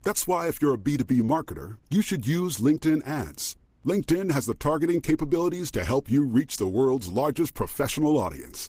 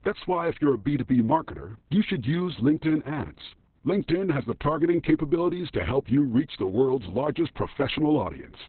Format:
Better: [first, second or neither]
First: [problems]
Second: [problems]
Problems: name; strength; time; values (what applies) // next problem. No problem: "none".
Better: first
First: garbled, watery; slightly; nothing above 15.5 kHz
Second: garbled, watery; badly; nothing above 4 kHz